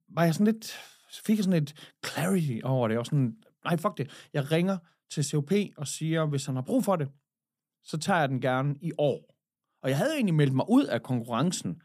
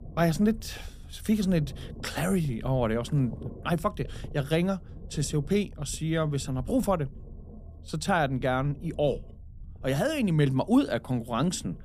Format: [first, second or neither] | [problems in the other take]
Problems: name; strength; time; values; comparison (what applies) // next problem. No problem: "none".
first | low rumble; faint; throughout; 25 dB below the speech